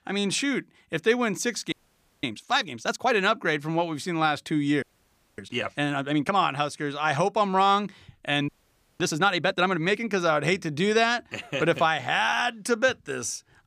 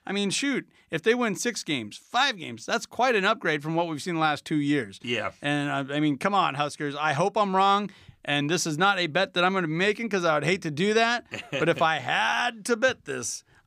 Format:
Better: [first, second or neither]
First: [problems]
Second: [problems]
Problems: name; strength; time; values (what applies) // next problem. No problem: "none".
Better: second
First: audio freezing; at 1.5 s for 0.5 s, at 5 s for 0.5 s and at 8.5 s for 0.5 s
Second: none